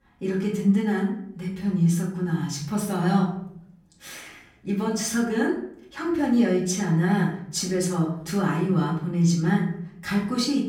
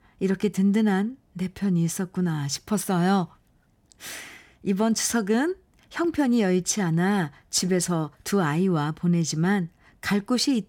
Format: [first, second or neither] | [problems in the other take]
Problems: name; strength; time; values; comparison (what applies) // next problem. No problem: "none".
second | off-mic speech; far // room echo; noticeable; dies away in 0.6 s